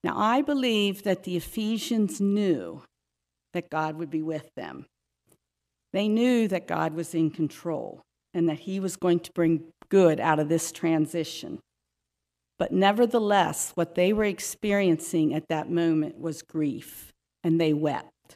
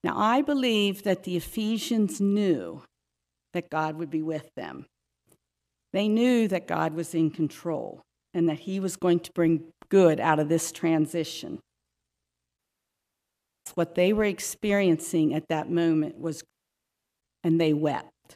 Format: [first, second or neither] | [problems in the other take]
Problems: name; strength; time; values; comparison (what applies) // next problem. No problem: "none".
first | audio cutting out; at 13 s for 1 s and at 17 s for 0.5 s